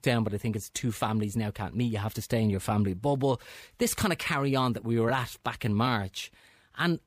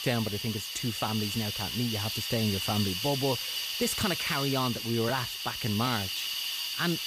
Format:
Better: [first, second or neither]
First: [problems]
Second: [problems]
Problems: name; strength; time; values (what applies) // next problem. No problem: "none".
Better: first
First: none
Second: hiss; loud; throughout; as loud as the speech